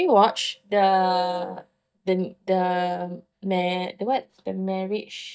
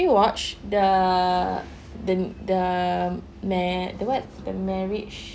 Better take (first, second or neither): second